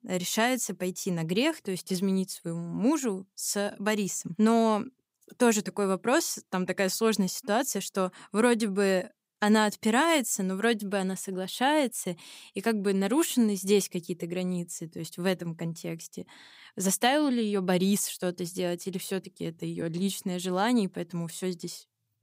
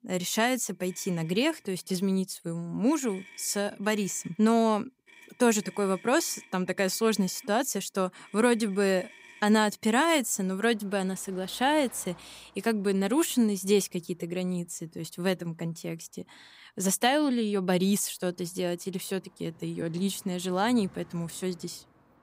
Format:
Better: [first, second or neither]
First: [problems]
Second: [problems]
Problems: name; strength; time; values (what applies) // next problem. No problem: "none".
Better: first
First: none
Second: traffic noise; faint; throughout; 25 dB below the speech